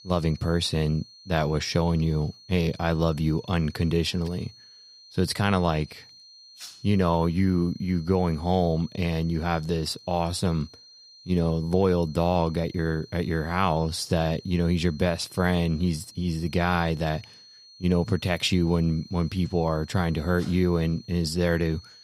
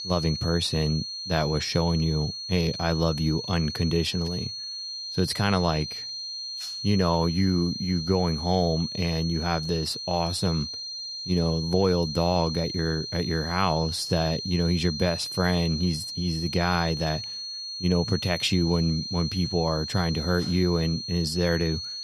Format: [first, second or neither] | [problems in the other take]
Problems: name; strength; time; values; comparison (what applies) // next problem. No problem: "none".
first | high-pitched whine; loud; throughout; 4 kHz, 6 dB below the speech; faint in the first